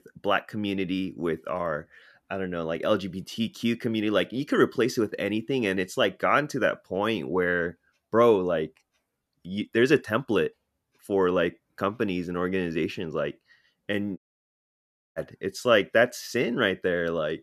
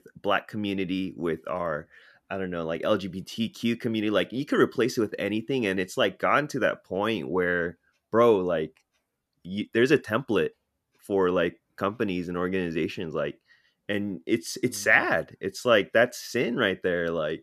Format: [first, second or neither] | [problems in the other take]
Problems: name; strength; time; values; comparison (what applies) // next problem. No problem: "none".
second | audio cutting out; at 14 s for 1 s